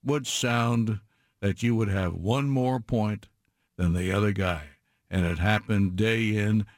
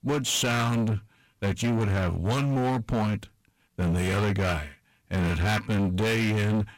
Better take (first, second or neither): first